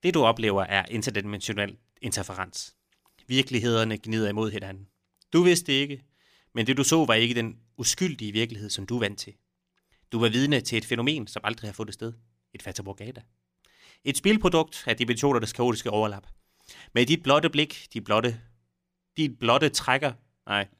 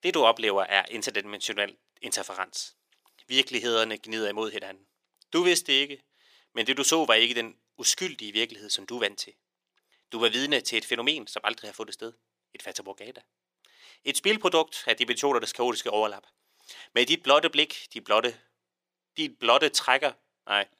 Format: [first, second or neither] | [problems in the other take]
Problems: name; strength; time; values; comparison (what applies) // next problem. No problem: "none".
first | thin; somewhat; fading below 500 Hz